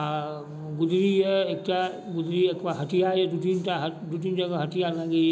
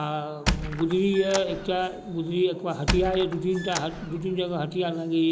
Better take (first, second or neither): first